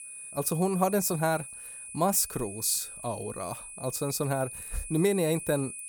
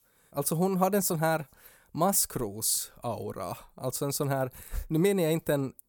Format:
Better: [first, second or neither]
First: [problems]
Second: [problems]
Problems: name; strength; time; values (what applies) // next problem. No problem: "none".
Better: second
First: high-pitched whine; noticeable; throughout; 10 kHz, 10 dB below the speech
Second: none